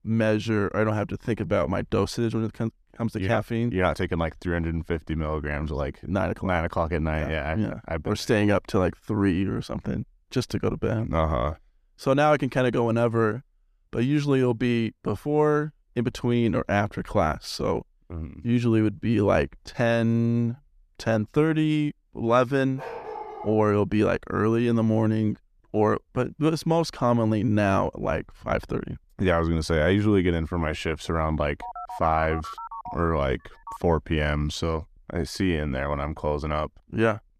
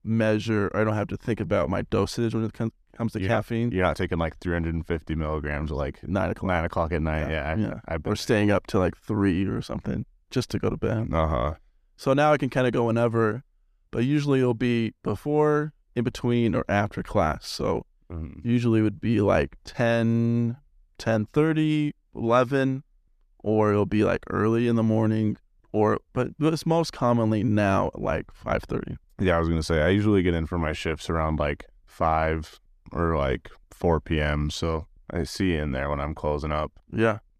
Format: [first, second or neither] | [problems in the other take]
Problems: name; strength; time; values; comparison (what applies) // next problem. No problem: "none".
second | dog barking; faint; at 23 s; peak 10 dB below the speech // phone ringing; faint; from 32 to 34 s; peak 10 dB below the speech